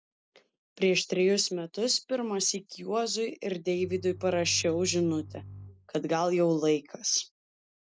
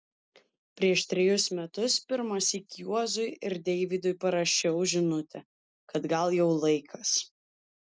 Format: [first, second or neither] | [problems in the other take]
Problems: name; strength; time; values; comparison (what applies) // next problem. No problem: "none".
second | background sound (Bowed string instrument); 16 dB below the speech